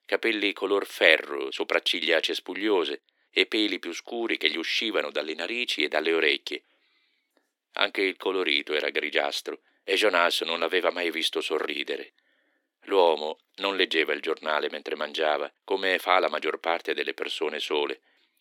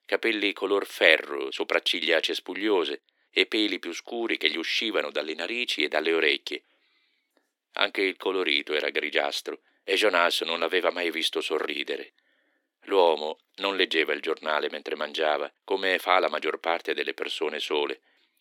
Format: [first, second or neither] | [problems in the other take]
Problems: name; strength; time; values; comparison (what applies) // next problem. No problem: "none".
neither | thin; somewhat; fading below 300 Hz; the same in both